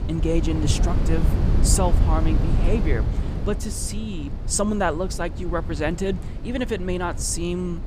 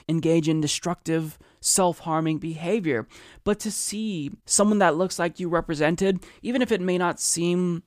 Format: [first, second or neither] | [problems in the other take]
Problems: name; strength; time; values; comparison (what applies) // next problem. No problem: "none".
second | wind noise on the microphone; heavy; 9 dB below the speech